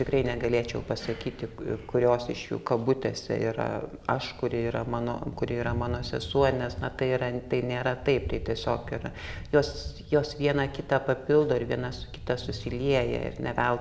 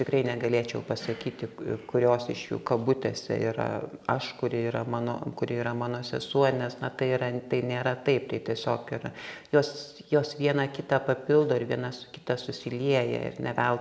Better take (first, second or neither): second